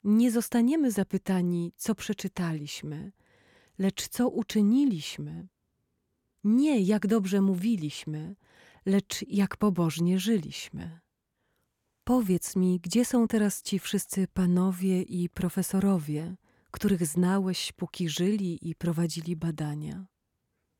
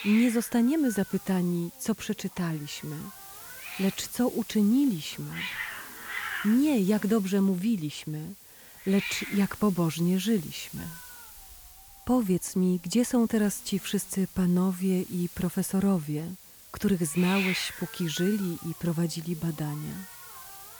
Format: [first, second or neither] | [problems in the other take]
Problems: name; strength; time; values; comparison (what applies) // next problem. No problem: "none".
first | hiss; noticeable; throughout; 10 dB below the speech